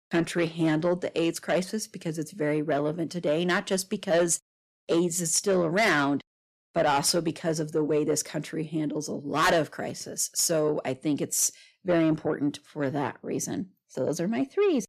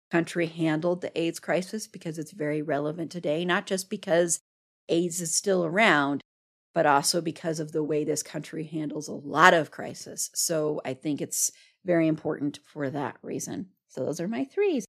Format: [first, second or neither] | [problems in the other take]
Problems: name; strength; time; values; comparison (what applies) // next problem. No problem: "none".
second | distortion; heavy; 8 dB below the speech